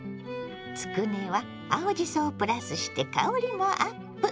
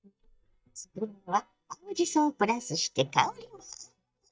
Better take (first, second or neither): first